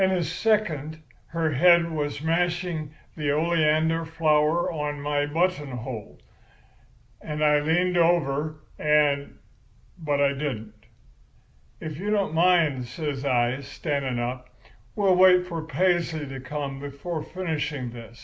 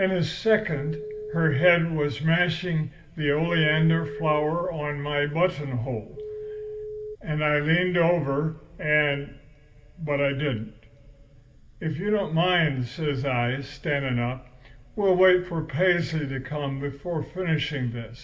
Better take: first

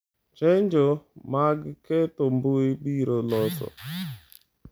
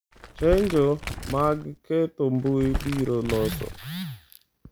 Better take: first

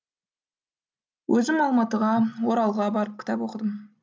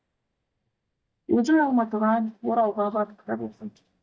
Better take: first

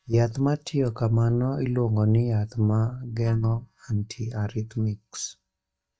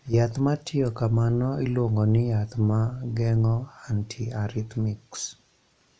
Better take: second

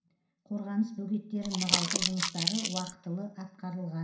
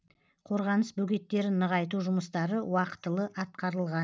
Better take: second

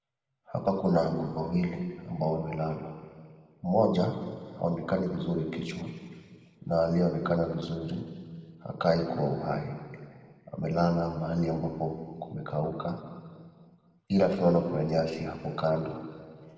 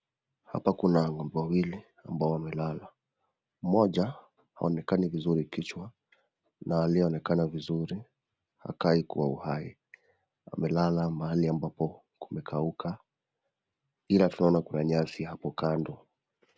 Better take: second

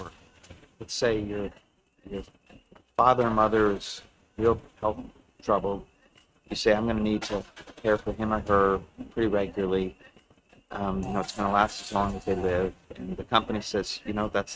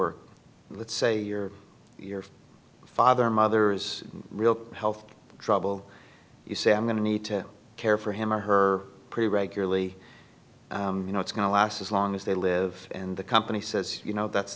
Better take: second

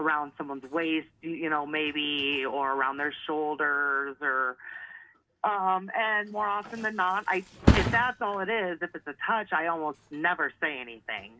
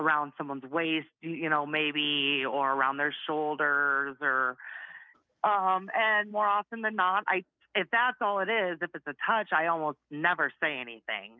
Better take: second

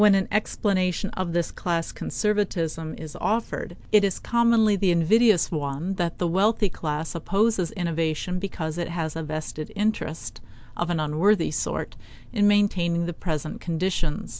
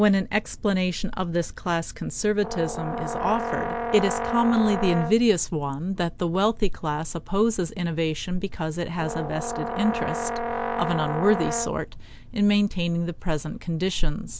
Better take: first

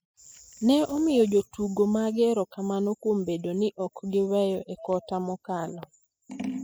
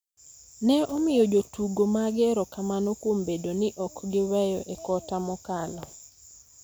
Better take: second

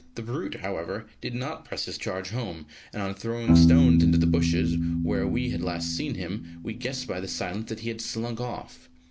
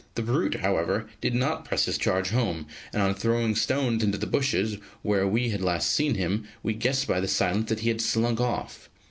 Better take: second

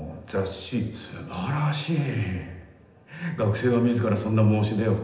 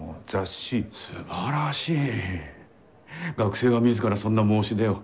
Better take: second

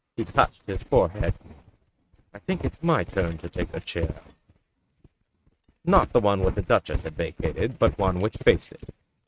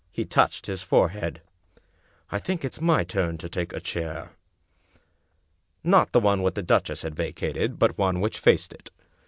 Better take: second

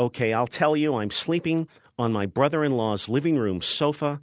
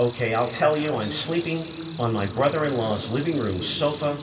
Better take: first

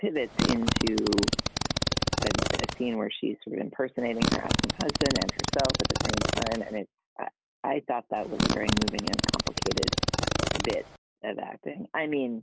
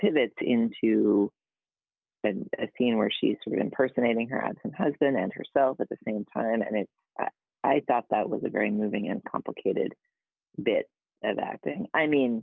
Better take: second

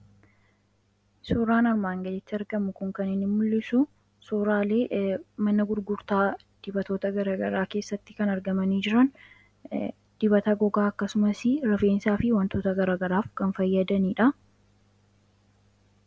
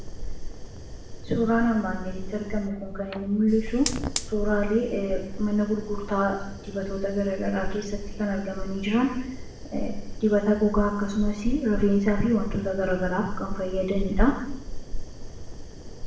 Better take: first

